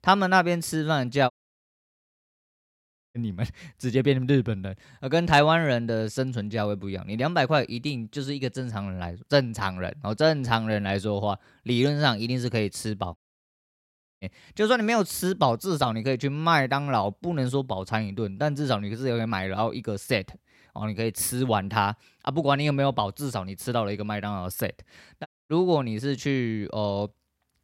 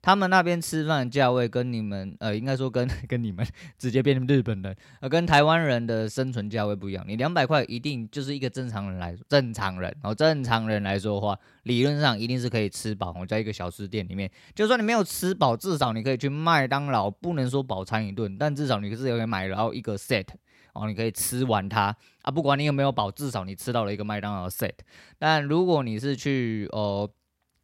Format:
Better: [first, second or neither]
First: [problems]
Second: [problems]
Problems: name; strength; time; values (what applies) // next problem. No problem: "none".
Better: second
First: audio cutting out; at 1.5 s for 2 s, at 13 s for 1 s and at 25 s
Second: none